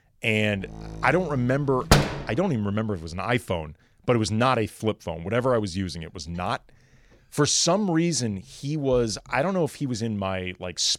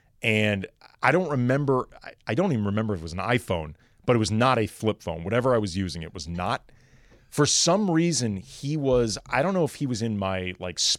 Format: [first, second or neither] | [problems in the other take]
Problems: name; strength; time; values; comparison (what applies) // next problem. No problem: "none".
second | door banging; loud; at 2 s; peak 5 dB above the speech